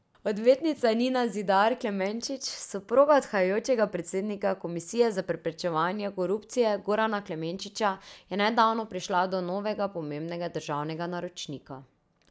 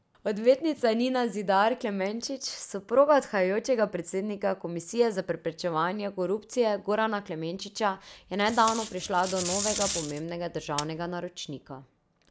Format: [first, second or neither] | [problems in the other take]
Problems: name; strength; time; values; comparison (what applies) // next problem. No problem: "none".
first | background sound (Packing tape, duct tape); 8 dB below the speech